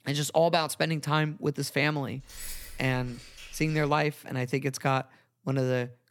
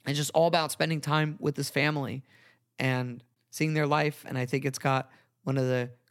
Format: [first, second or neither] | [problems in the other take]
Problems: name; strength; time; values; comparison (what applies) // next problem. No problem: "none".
second | jangling keys; faint; from 2 to 4 s; peak 10 dB below the speech